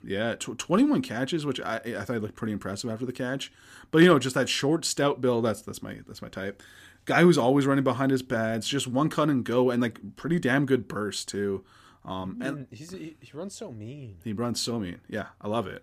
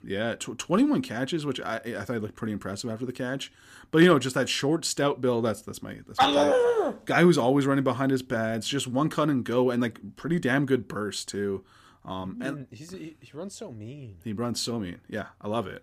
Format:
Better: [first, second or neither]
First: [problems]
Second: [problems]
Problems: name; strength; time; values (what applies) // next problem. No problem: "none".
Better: first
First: none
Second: dog barking; loud; at 6 s; peak 6 dB above the speech